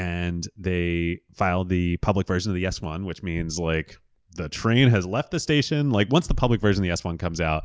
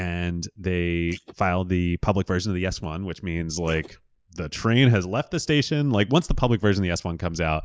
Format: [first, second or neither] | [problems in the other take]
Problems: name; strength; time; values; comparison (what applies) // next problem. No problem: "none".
first | noise reduction (neural mask model Resemble Enhance denoiser)